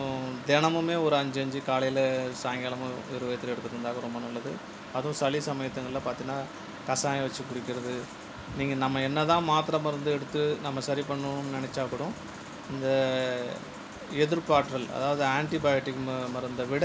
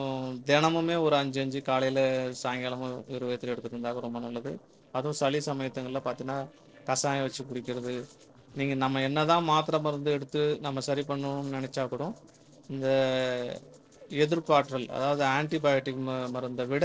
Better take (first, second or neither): first